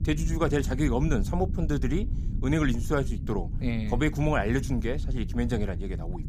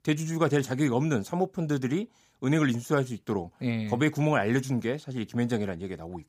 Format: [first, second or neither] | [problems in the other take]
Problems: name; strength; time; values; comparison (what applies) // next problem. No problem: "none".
second | low rumble; noticeable; throughout; 15 dB below the speech